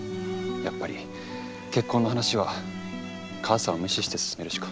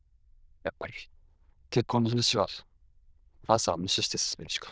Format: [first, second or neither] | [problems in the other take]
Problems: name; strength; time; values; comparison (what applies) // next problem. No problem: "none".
first | noise reduction (neural diffusion model UNIVERSE++)